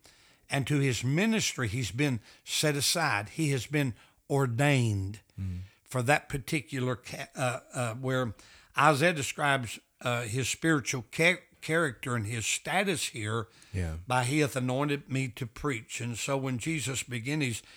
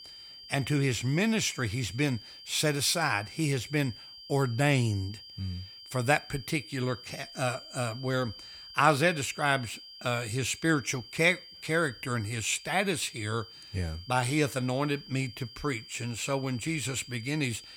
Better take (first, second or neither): first